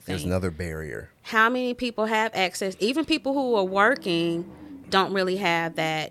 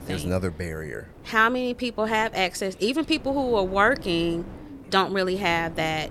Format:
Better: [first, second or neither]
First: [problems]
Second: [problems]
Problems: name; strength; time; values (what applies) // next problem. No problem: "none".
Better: first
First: none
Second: wind noise on the microphone; occasional gusts; 25 dB below the speech